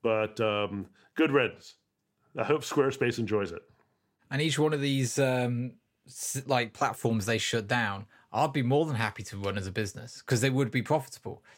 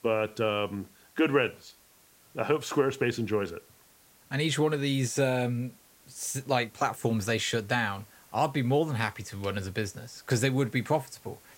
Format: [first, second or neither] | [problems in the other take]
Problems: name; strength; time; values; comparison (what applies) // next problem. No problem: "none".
first | hiss; faint; throughout; 25 dB below the speech